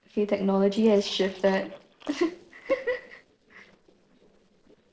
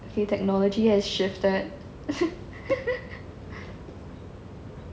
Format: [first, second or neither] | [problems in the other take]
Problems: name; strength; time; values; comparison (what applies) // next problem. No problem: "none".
second | noise reduction (neural separator model SepFormer DNS4)